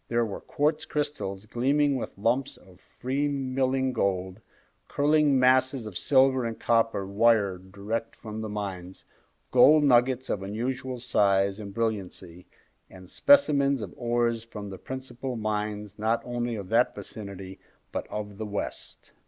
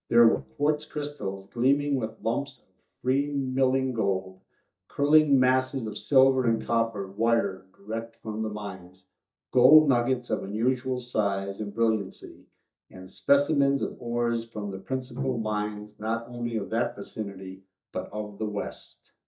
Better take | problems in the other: first | noise reduction (neural mask model DeepFilterNet 3)

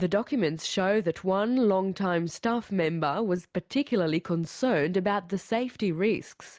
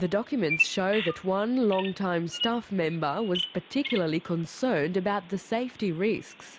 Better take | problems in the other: first | background sound (Bird vocalization, bird call, bird song); 9 dB below the speech

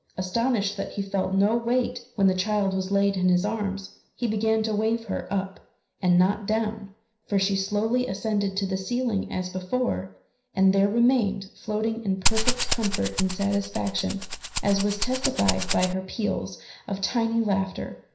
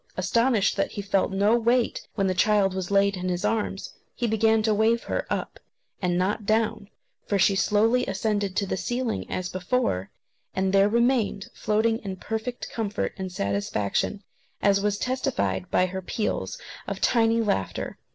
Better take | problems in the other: second | background sound (Rattle (instrument)); as loud as the speech // room echo; dies away in 0.5 s

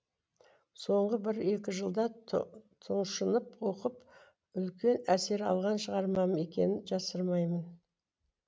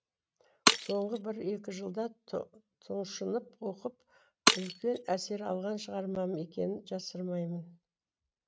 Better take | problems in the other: first | noise reduction (neural mask model RNNoise)

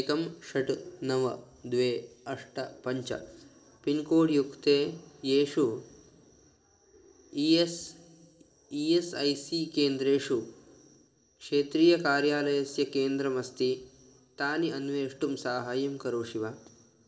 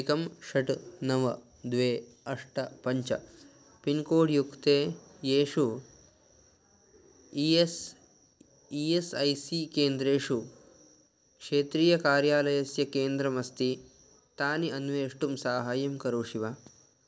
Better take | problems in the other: second | room echo; dies away in 1.3 s

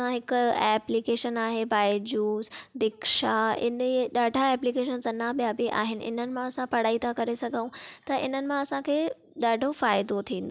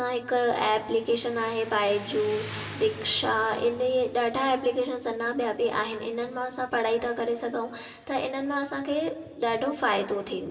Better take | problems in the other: first | background sound (Motorcycle); 19 dB below the speech // room echo; dies away in 2.8 s

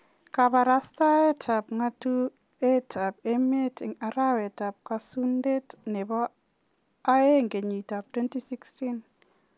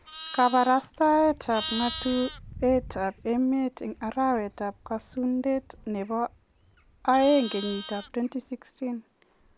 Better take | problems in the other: first | background sound (Livestock, farm animals, working animals); 15 dB below the speech

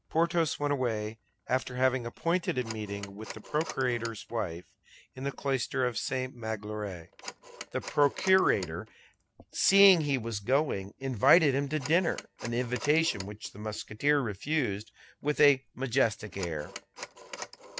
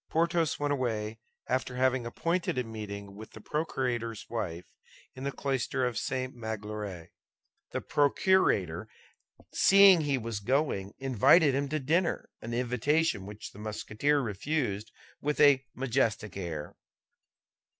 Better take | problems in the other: second | background sound (Telephone); 18 dB below the speech

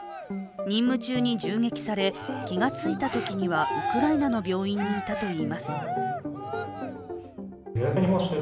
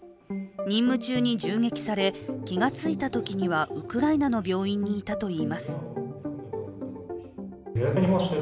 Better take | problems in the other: second | background sound (Cheering); 8 dB below the speech

